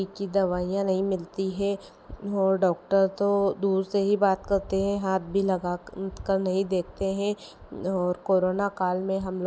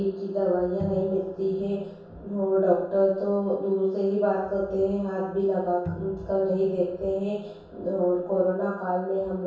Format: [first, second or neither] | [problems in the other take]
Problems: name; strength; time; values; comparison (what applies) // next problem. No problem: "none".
first | background sound (Bowed string instrument); 15 dB below the speech // room echo; dies away in 0.7 s